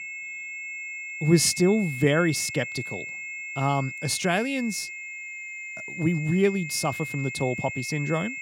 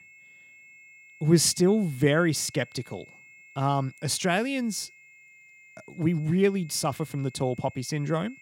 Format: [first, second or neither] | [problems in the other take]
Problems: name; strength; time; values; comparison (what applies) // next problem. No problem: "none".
second | high-pitched whine; loud; throughout; 2 kHz, 8 dB below the speech; faint in the second